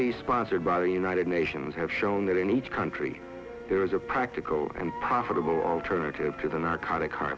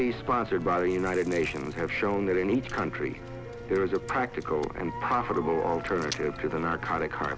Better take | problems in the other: first | background sound (Chewing, mastication); 15 dB below the speech

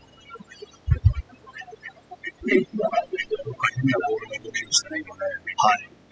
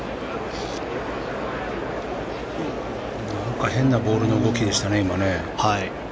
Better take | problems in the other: second | noise reduction (classical method spectral subtraction)

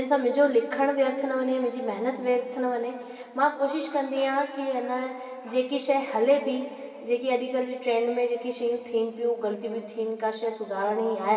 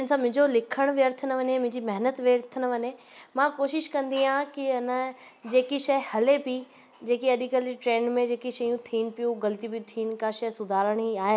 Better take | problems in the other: second | room echo; dies away in 2.3 s

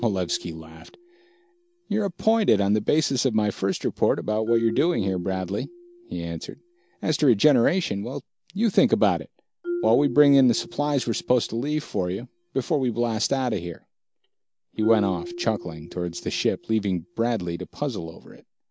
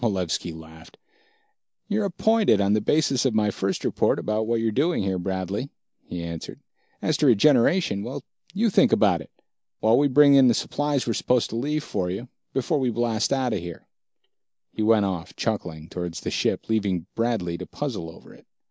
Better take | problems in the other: second | background sound (Marimba, xylophone); 14 dB below the speech

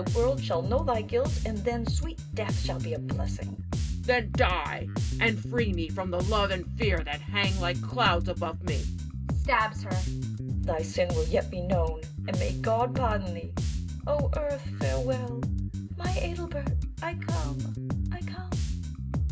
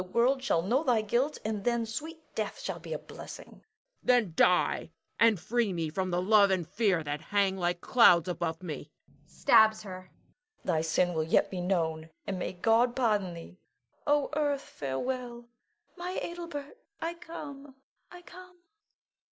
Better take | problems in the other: second | background sound (Bass guitar); 1 dB above the speech // room echo; dies away in 0.2 s

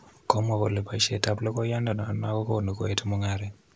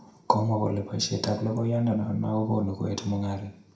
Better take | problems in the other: first | room echo; dies away in 0.5 s

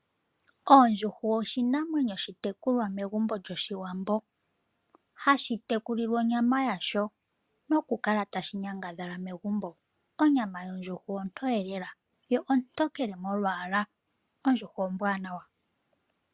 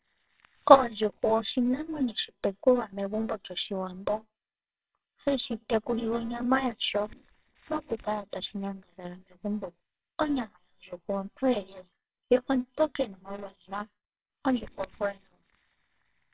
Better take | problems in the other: first | noise reduction (neural separator model SepFormer WHAMR!)

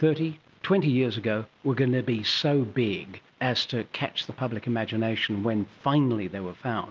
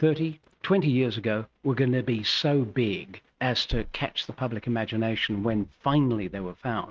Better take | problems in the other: first | noise reduction (neural mask model RNNoise)

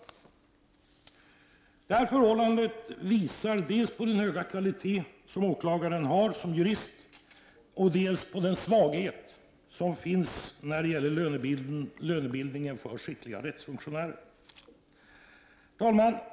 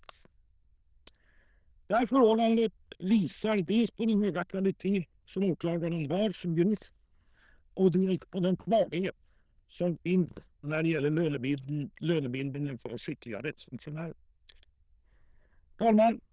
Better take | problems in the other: first | noise reduction (neural diffusion model UNIVERSE++)

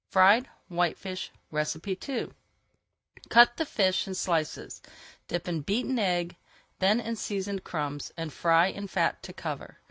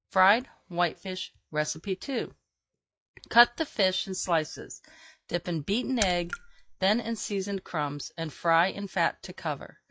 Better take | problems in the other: first | noise reduction (classical method log-MMSE)

